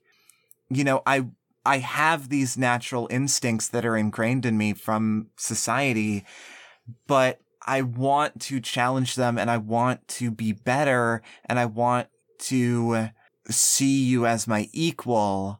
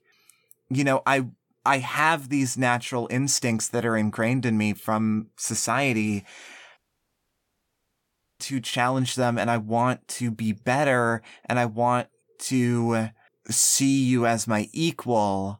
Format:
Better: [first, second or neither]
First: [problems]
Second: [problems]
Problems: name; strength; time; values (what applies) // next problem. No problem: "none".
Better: first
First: none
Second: audio cutting out; at 7 s for 1.5 s